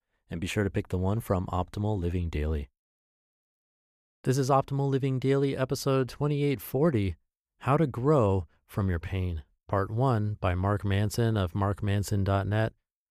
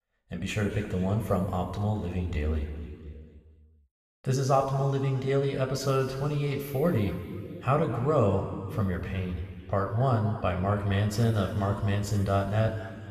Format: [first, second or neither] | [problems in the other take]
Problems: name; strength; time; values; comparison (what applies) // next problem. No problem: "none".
first | room echo; noticeable; dies away in 2.2 s // off-mic speech; somewhat distant